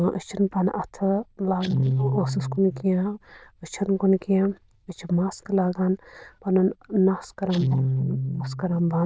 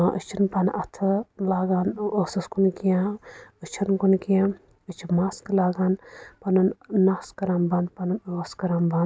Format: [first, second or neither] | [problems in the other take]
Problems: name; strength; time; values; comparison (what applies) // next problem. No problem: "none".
second | noise reduction (neural diffusion model UNIVERSE++)